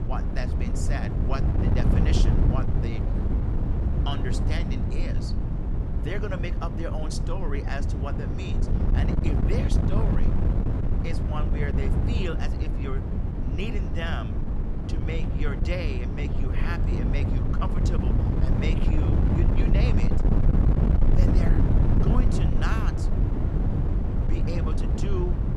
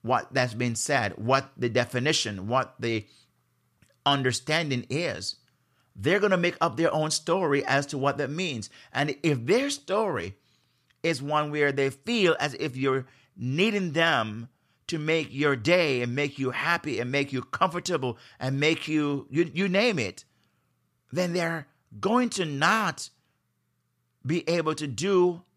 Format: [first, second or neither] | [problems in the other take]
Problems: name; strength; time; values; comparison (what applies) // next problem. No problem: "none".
second | wind noise on the microphone; heavy; 1 dB above the speech